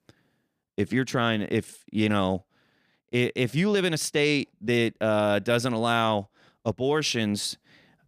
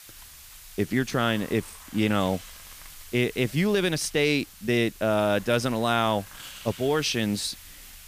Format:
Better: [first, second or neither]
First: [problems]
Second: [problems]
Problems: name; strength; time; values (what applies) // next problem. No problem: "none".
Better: first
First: none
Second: hiss; noticeable; throughout; 20 dB below the speech